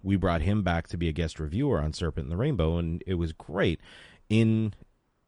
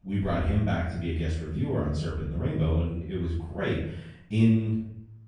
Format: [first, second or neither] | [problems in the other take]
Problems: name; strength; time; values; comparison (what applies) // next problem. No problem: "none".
first | off-mic speech; far // room echo; noticeable; dies away in 0.7 s